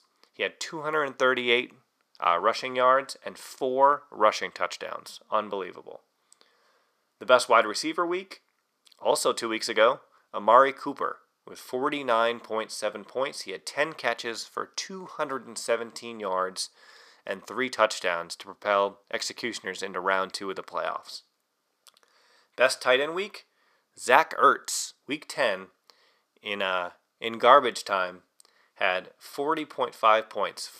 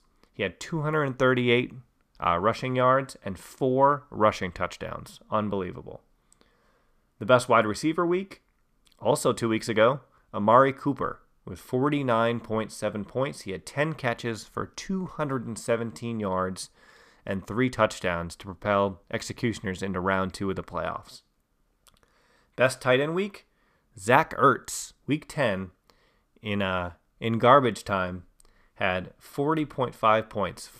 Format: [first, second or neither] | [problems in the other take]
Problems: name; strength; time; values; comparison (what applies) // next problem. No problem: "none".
second | thin; somewhat; fading below 450 Hz